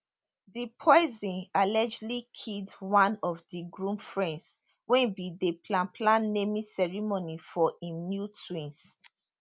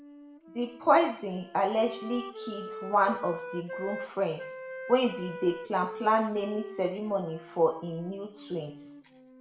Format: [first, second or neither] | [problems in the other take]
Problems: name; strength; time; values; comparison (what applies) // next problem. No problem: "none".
first | background sound (Wind instrument, woodwind instrument); 12 dB below the speech // room echo; dies away in 0.5 s